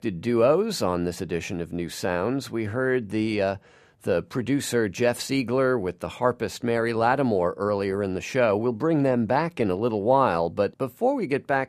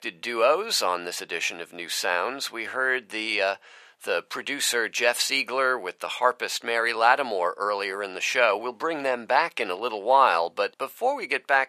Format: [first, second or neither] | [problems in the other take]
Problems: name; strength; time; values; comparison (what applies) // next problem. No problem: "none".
first | thin; very; fading below 850 Hz